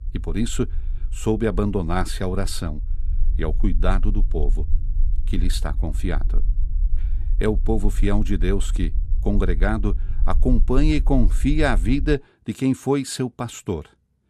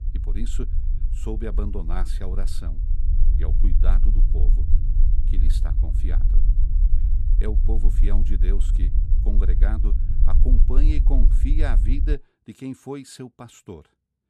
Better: first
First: low rumble; faint; until 12 s; 20 dB below the speech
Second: low rumble; loud; until 12 s; 6 dB below the speech

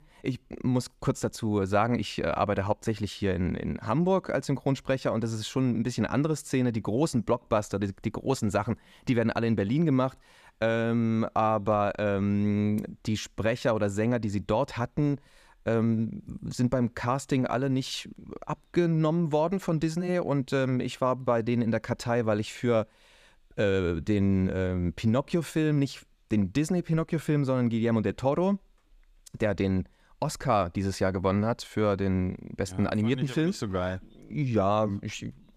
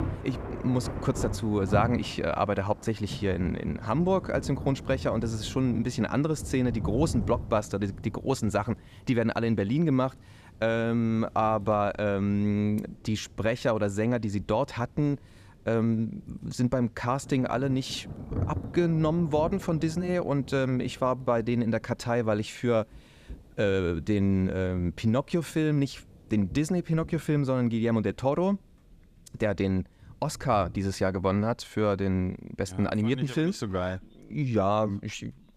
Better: first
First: none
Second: rain or running water; noticeable; throughout; 10 dB below the speech

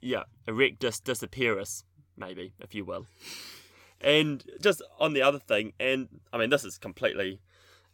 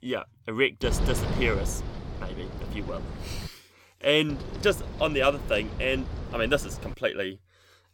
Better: first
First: none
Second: wind noise on the microphone; occasional gusts; from 1 to 3.5 s and from 4.5 to 7 s; 15 dB below the speech

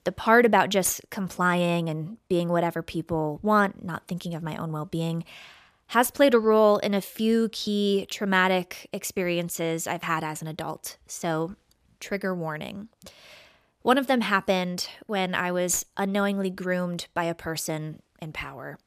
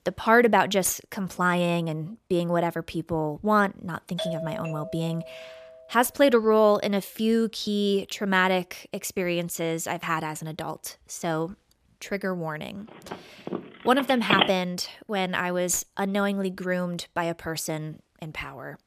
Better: first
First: none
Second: doorbell; noticeable; from 4 to 5.5 s; peak 6 dB below the speech // phone ringing; loud; from 13 to 14 s; peak 3 dB above the speech

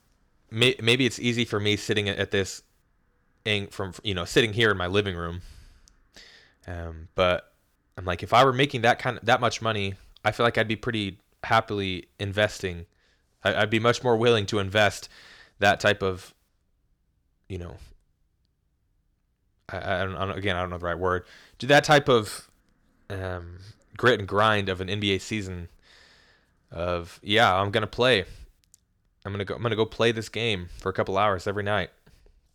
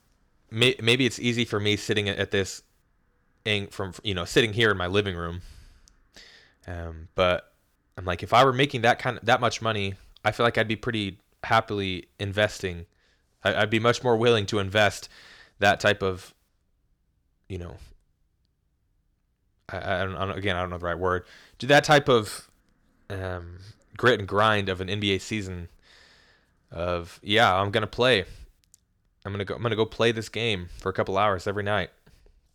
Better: neither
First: none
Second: none

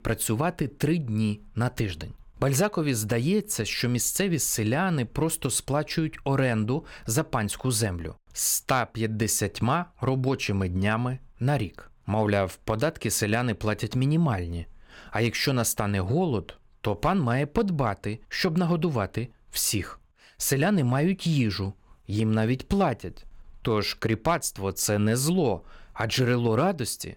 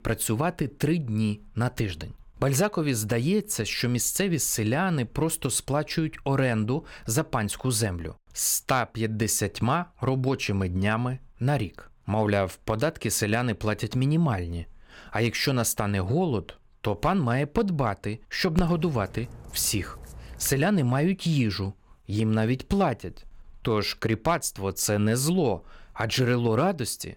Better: first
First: none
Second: dog barking; noticeable; from 19 to 21 s; peak 10 dB below the speech

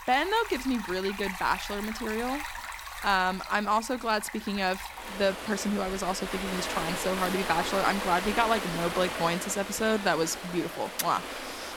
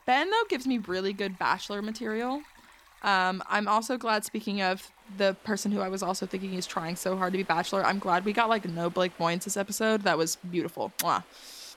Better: second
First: rain or running water; loud; throughout; 7 dB below the speech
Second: rain or running water; faint; throughout; 25 dB below the speech

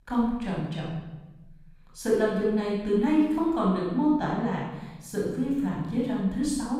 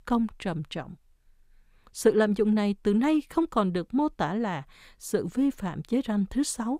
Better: second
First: off-mic speech; far // room echo; strong; dies away in 1.1 s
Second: none

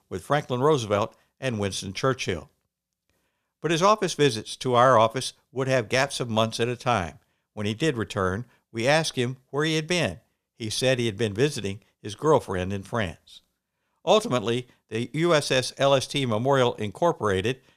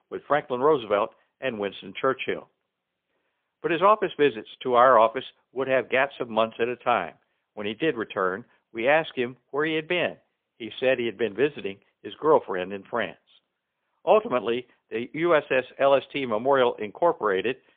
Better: first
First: none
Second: phone-call audio; poor line; nothing above 3.5 kHz

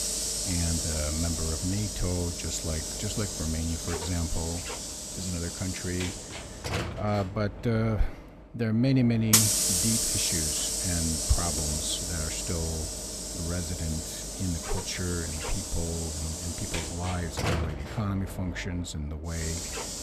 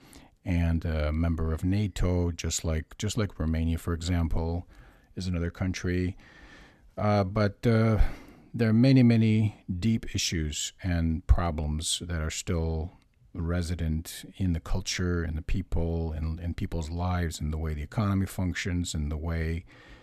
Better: second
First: household noises; very loud; throughout; 2 dB above the speech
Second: none

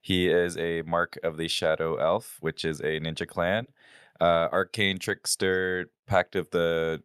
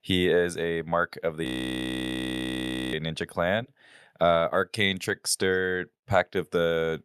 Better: first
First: none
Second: audio freezing; at 1.5 s for 1.5 s

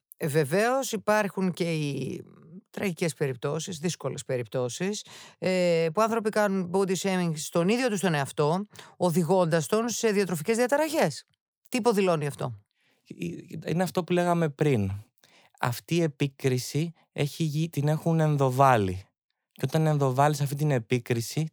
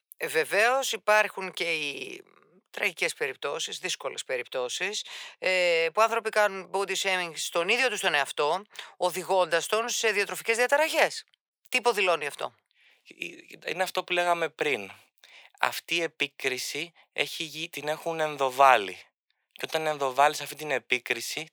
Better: first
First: none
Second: thin; very; fading below 600 Hz

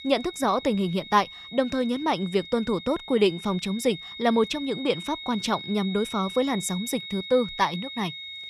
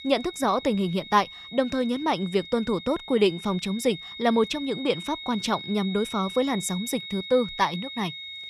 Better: neither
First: high-pitched whine; noticeable; throughout; 4 kHz, 10 dB below the speech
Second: high-pitched whine; noticeable; throughout; 4 kHz, 10 dB below the speech

